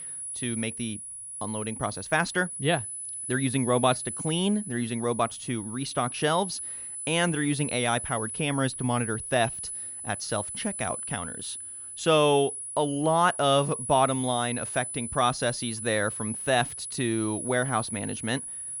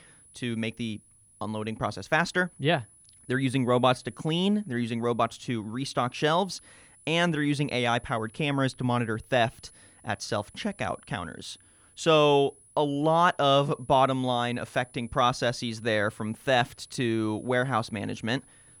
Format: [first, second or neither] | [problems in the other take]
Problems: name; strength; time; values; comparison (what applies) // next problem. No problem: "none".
second | high-pitched whine; loud; throughout; 10 kHz, 6 dB below the speech; faint in the second